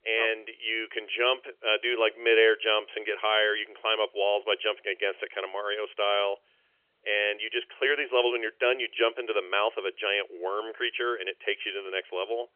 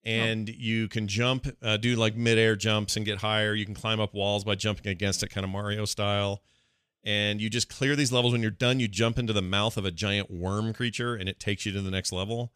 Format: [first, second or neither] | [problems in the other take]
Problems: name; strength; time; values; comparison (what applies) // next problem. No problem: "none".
second | phone-call audio; nothing above 3 kHz